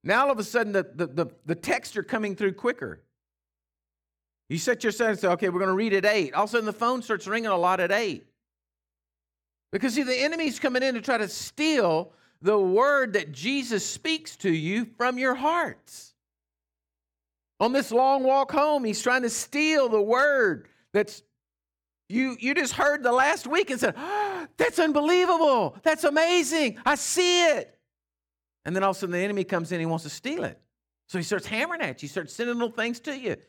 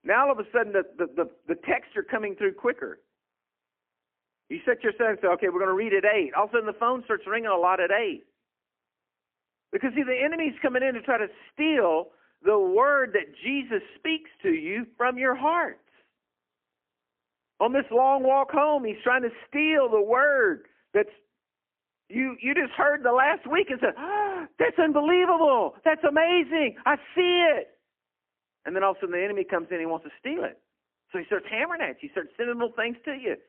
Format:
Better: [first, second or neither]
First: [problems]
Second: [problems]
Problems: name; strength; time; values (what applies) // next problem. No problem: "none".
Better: first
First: none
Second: phone-call audio; poor line; nothing above 3 kHz